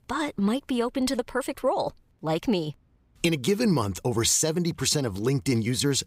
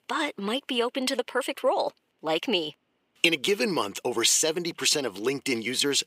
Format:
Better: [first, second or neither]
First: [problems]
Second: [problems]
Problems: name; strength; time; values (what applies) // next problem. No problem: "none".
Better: first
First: none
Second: thin; somewhat; fading below 400 Hz